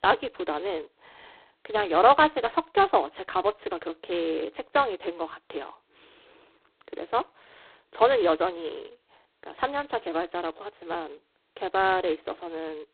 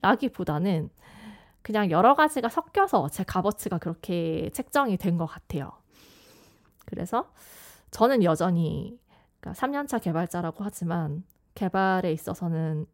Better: second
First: phone-call audio; poor line; nothing above 4 kHz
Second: none

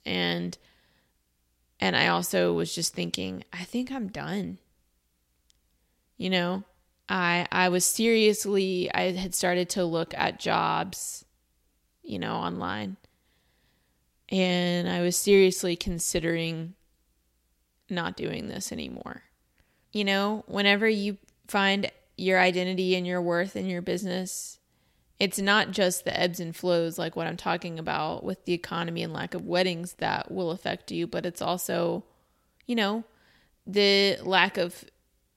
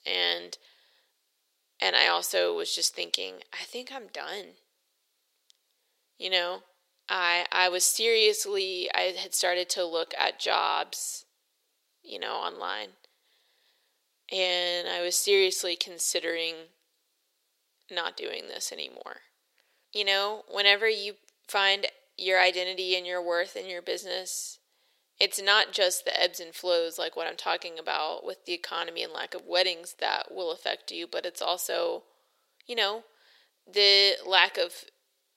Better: first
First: none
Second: thin; very; fading below 450 Hz

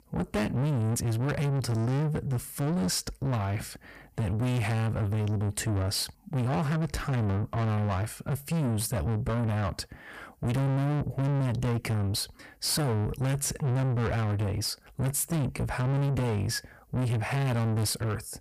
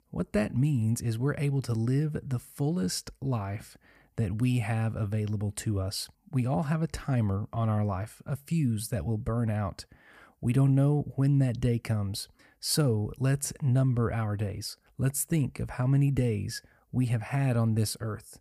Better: second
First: distortion; heavy; 7 dB below the speech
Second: none

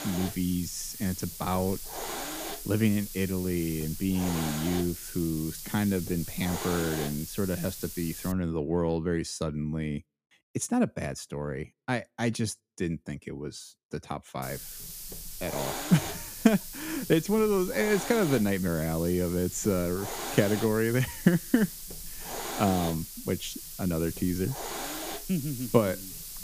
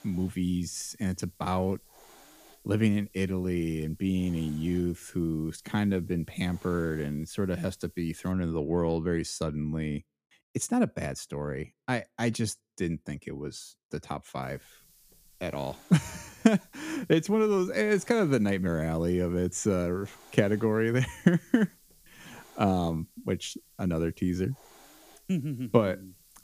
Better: second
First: hiss; loud; until 8.5 s and from 14 s on; 8 dB below the speech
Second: hiss; faint; until 8.5 s and from 14 s on; 25 dB below the speech

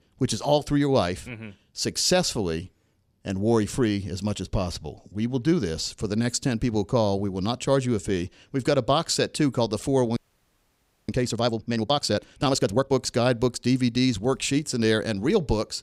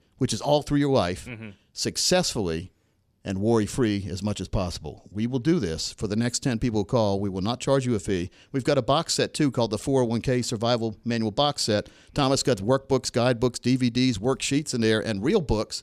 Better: second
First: audio freezing; at 10 s for 1 s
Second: none

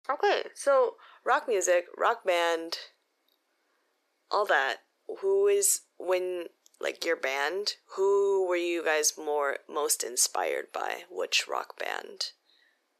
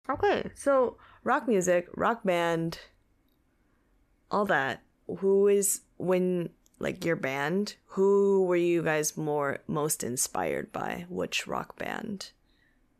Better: second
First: thin; very; fading below 400 Hz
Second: none

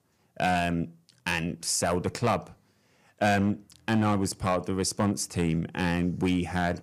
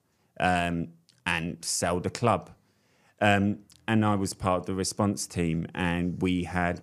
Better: second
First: distortion; slight; 4% of the sound clipped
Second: none

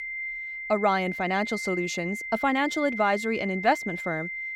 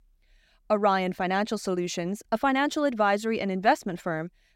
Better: second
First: high-pitched whine; loud; throughout; 2 kHz, 6 dB below the speech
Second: none

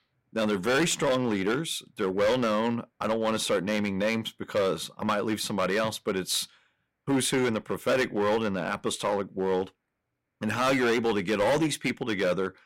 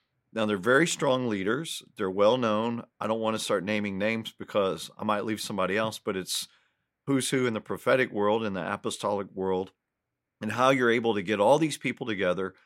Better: second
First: distortion; heavy; 9% of the sound clipped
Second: none

